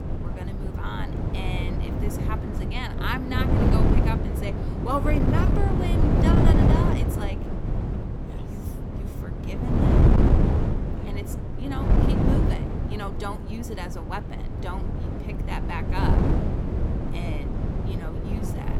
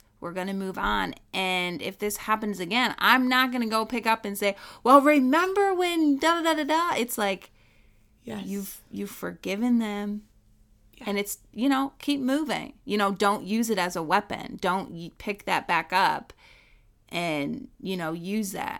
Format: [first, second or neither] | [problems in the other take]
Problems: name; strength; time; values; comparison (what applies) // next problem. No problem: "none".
second | wind noise on the microphone; heavy; 1 dB above the speech